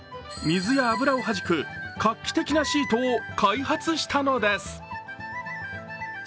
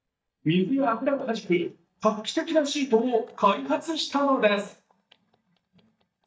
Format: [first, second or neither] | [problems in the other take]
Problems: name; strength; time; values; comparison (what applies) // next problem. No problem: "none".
first | noise reduction (neural mask model DeepFilterNet 3)